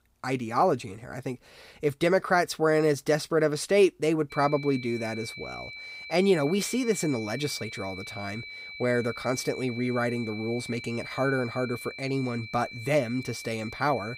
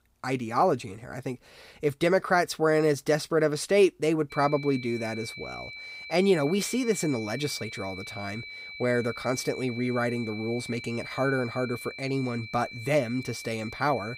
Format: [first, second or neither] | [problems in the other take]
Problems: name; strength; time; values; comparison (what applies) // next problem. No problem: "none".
neither | high-pitched whine; noticeable; from 4.5 s on; 2.5 kHz, 10 dB below the speech; the same in both